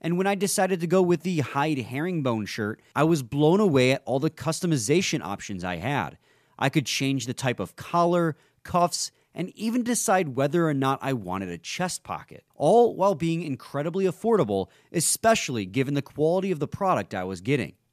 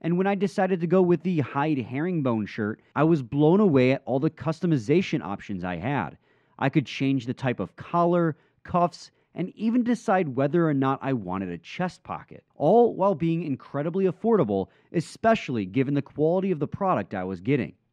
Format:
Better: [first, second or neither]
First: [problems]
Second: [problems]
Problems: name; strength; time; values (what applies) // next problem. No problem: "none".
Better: first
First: none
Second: muffled; slightly; fading above 2.5 kHz